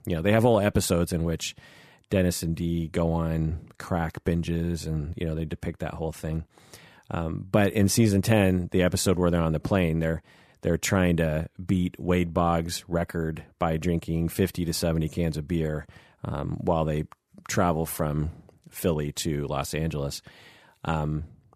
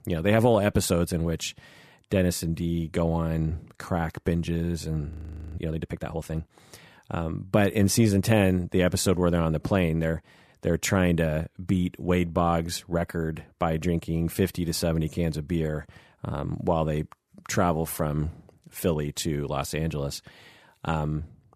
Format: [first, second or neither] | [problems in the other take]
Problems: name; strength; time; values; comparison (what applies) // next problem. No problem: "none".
first | audio freezing; at 5 s